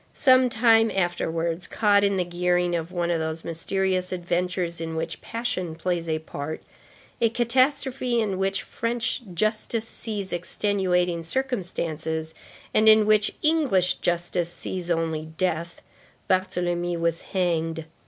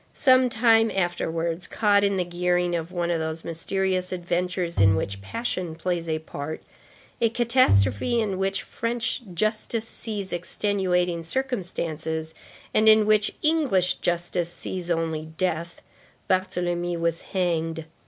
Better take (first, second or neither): first